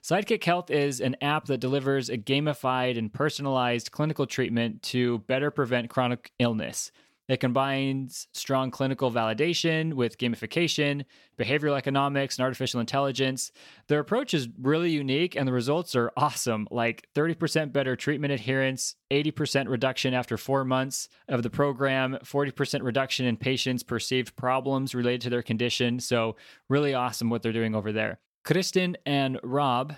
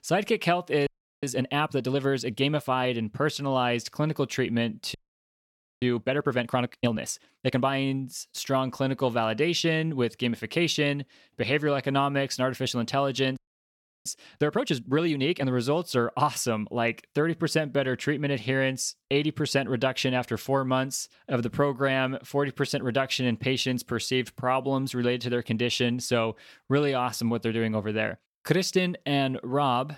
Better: first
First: none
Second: audio freezing; at 1 s, at 5 s for 1 s and at 13 s for 0.5 s

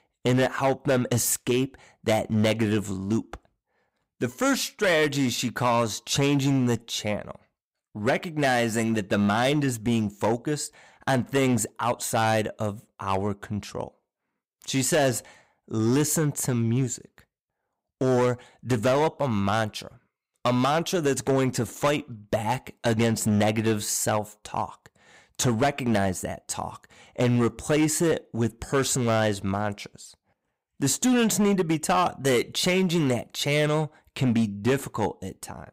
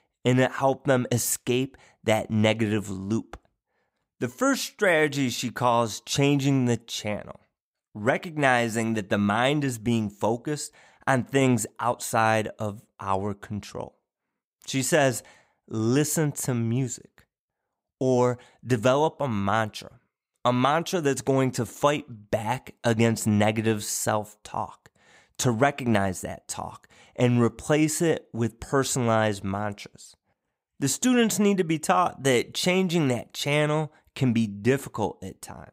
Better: second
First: distortion; slight; 7% of the sound clipped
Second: none

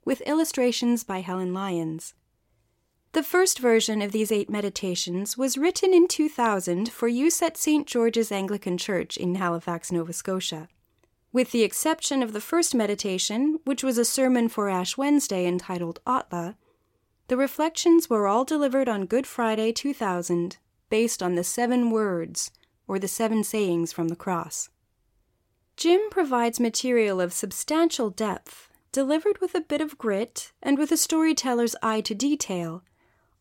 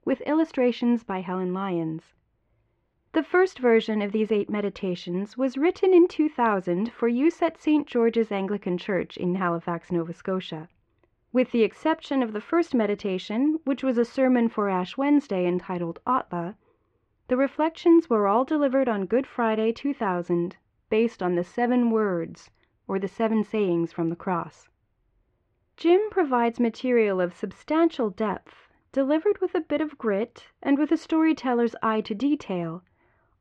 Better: first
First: none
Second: muffled; very; fading above 2.5 kHz

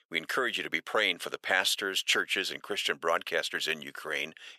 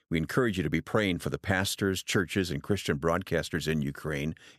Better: second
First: thin; very; fading below 650 Hz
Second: none

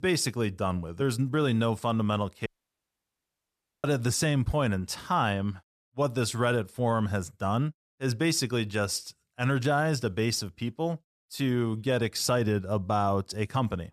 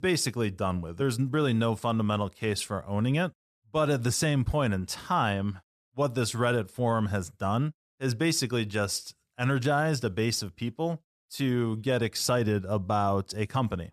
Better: second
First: audio cutting out; at 2.5 s for 1.5 s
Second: none

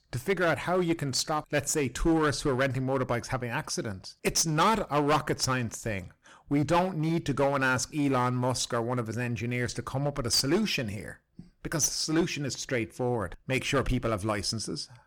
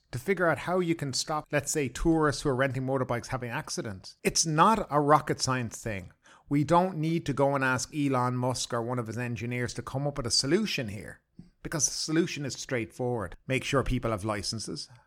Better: second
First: distortion; slight; 7% of the sound clipped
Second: none

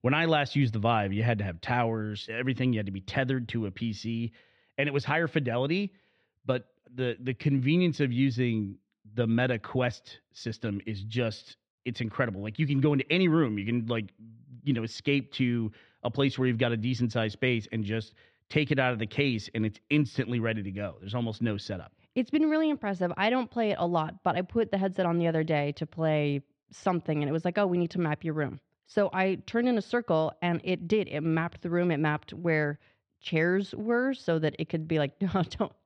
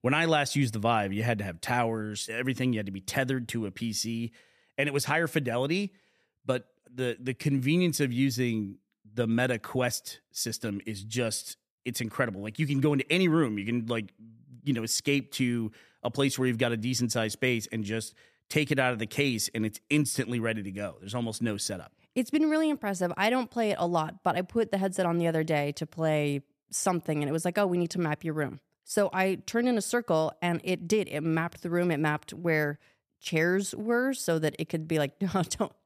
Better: second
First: muffled; slightly; fading above 4 kHz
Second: none

